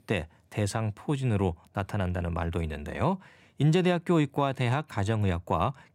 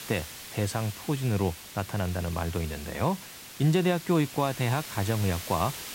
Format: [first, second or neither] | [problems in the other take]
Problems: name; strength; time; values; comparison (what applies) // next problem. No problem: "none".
first | hiss; noticeable; throughout; 10 dB below the speech